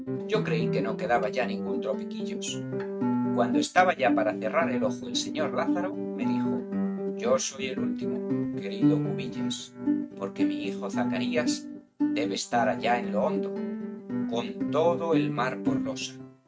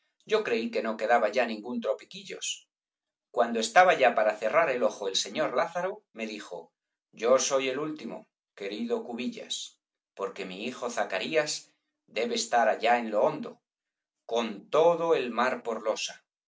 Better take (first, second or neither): second